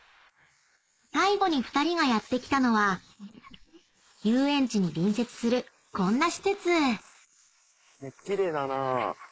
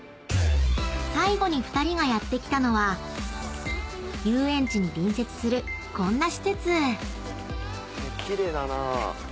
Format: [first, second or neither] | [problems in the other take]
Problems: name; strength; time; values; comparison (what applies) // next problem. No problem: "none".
second | noise reduction (neural mask model Resemble Enhance denoiser)